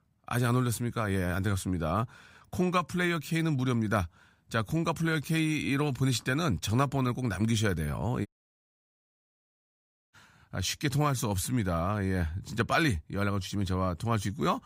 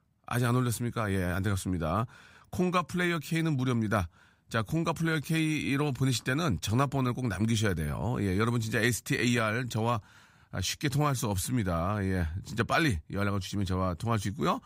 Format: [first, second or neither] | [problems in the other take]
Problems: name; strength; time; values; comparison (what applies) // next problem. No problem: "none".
second | audio cutting out; at 8.5 s for 2 s